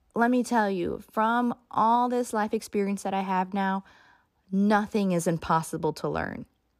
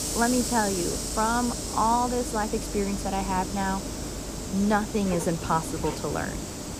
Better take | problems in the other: first | hiss; loud; throughout; 4 dB below the speech

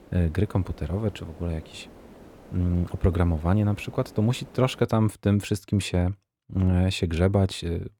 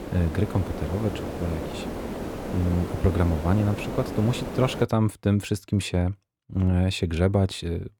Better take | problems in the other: first | hiss; loud; until 5 s; 7 dB below the speech; faint in the first

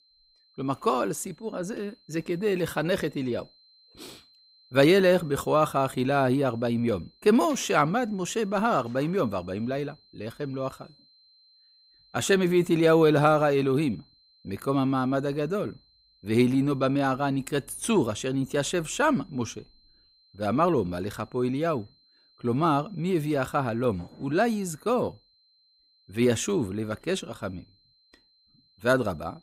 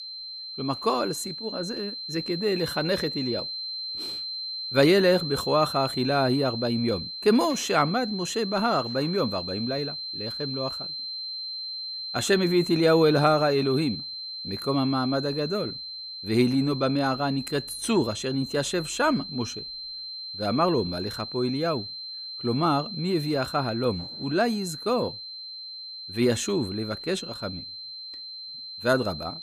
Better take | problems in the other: first | high-pitched whine; loud; throughout; 4 kHz, 7 dB below the speech; faint in the first

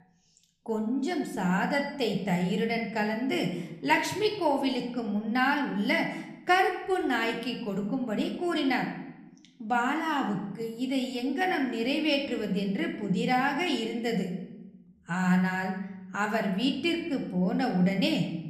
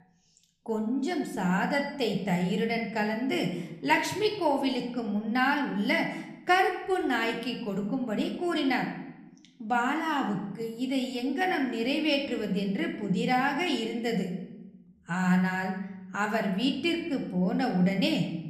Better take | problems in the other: neither | room echo; slight; dies away in 0.8 s; the same in both

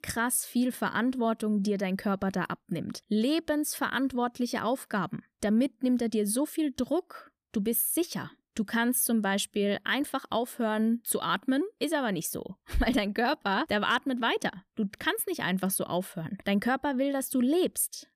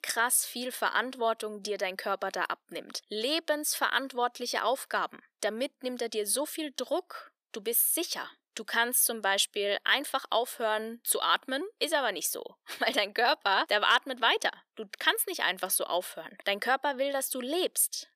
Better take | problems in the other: first | thin; very; fading below 450 Hz

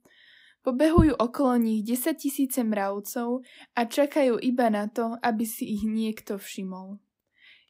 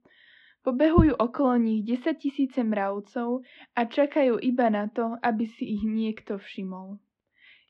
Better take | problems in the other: first | muffled; slightly; fading above 3.5 kHz

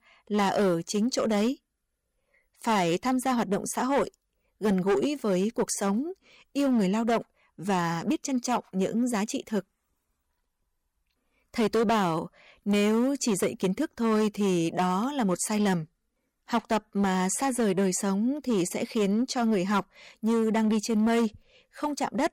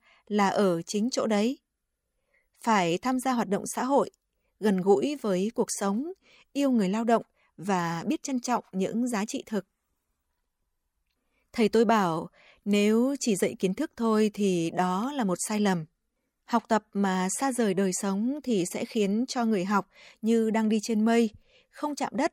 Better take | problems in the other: second | distortion; slight; 8% of the sound clipped

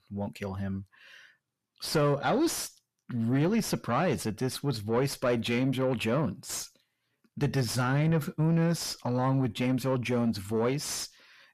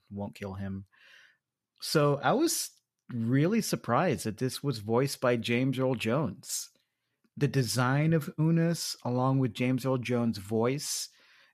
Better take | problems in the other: second | distortion; slight; 10 dB below the speech

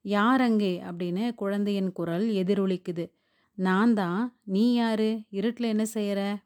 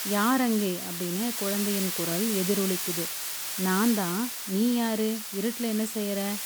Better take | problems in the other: first | hiss; loud; throughout; 2 dB below the speech

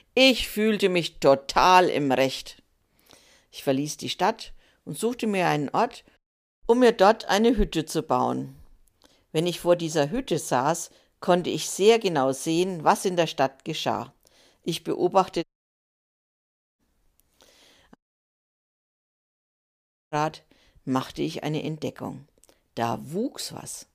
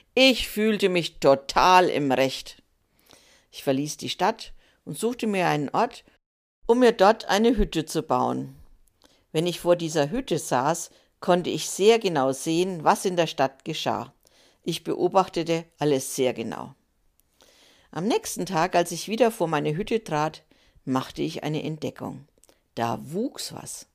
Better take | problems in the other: second | audio cutting out; at 15 s for 1.5 s and at 18 s for 2 s

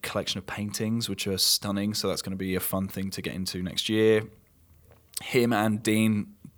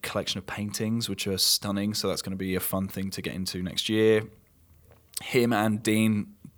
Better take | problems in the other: neither | none

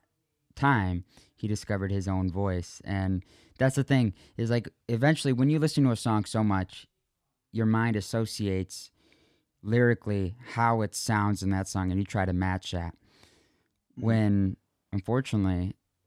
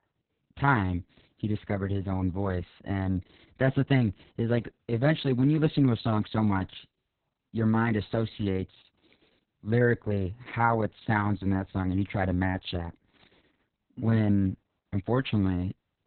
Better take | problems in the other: first | garbled, watery; badly; nothing above 4 kHz

